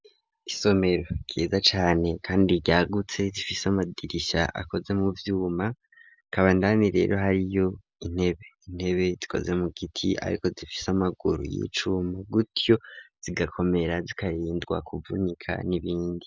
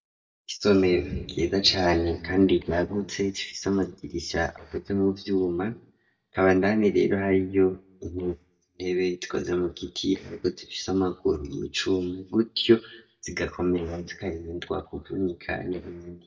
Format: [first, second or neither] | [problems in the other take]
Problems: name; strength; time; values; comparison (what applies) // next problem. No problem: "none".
first | noise reduction (neural mask model DeepFilterNet 3)